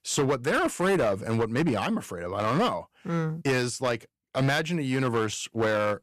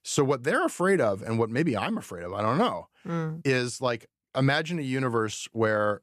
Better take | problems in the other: second | distortion; slight; 12% of the sound clipped

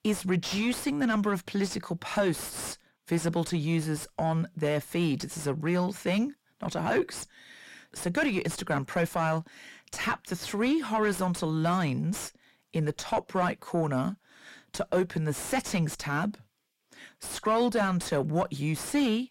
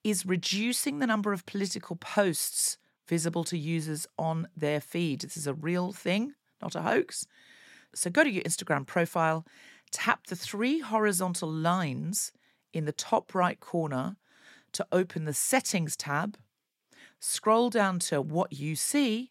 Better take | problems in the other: second | distortion; heavy; 7 dB below the speech

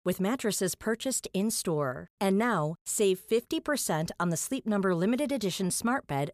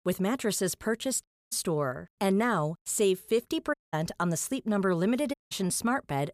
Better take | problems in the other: first | audio cutting out; at 1 s, at 3.5 s and at 5.5 s

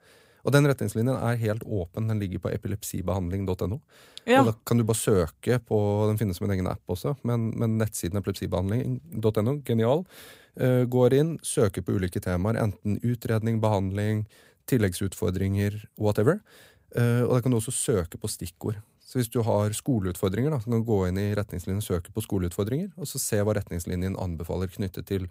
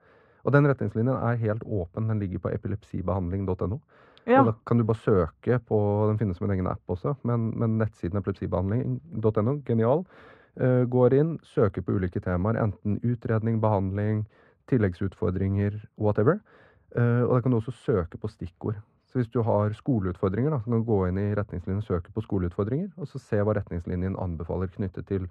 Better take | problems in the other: first | muffled; very; fading above 1.5 kHz

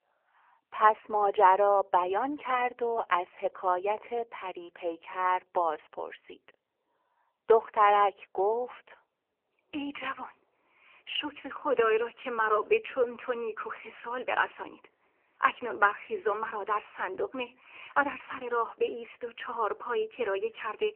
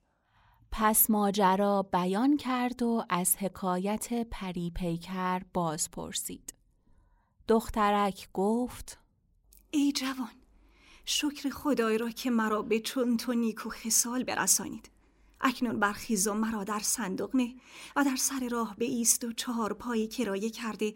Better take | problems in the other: second | phone-call audio; poor line; nothing above 3 kHz

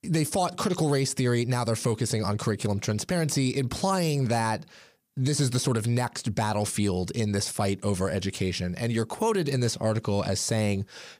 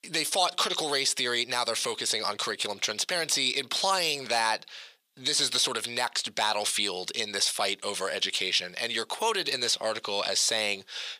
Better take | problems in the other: first | thin; very; fading below 600 Hz

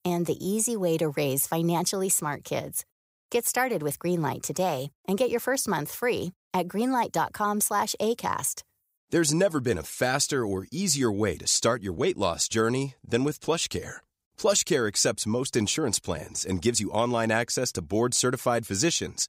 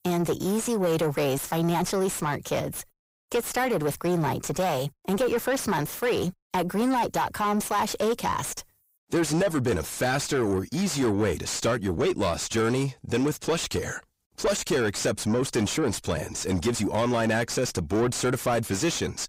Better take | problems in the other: first | distortion; heavy; 6 dB below the speech

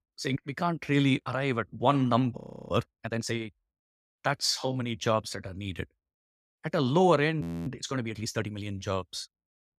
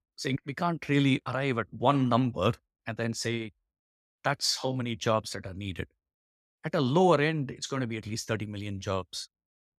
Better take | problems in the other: second | audio freezing; at 2.5 s and at 7.5 s

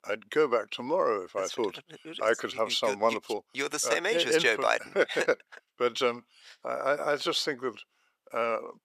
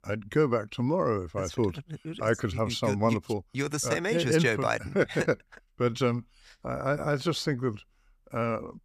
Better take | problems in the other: second | thin; somewhat; fading below 500 Hz

